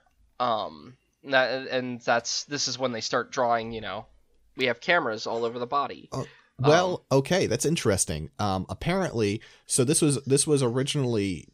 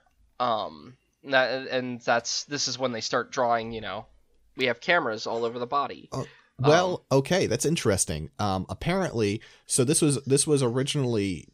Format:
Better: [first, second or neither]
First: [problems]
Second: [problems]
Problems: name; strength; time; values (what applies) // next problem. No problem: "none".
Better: neither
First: none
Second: none